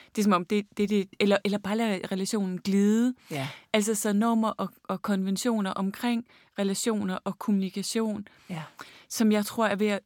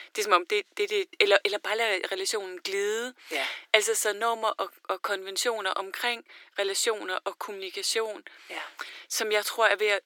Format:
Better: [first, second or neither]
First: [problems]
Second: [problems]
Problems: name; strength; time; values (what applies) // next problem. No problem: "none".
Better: first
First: none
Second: thin; very; fading below 300 Hz